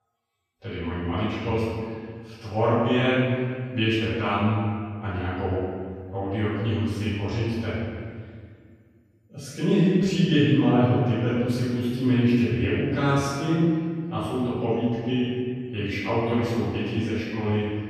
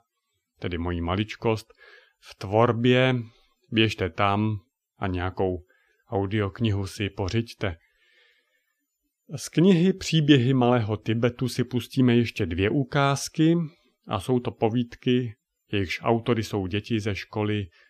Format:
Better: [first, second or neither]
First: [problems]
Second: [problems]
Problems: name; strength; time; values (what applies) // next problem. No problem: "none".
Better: second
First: off-mic speech; far // room echo; strong; dies away in 1.9 s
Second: none